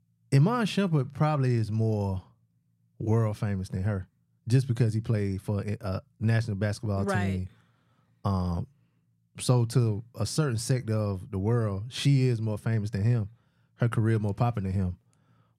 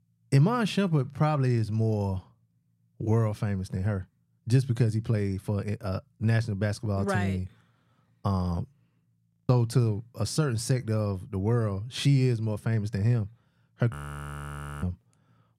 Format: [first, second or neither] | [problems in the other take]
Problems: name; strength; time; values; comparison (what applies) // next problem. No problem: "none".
first | audio freezing; at 9.5 s and at 14 s for 1 s